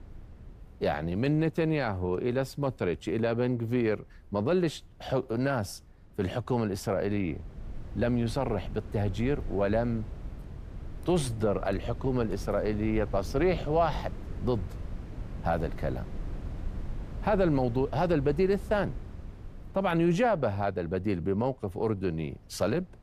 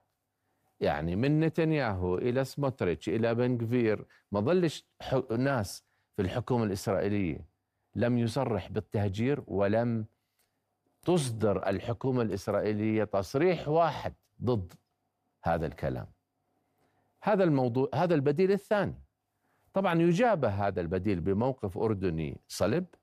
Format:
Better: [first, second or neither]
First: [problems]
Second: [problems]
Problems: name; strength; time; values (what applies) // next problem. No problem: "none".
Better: second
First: wind noise on the microphone; occasional gusts; 20 dB below the speech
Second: none